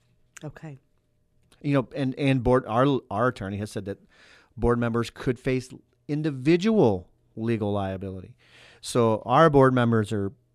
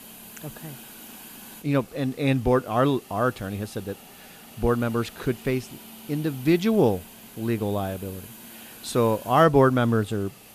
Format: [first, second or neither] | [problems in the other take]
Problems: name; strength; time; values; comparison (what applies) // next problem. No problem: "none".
first | hiss; noticeable; throughout; 20 dB below the speech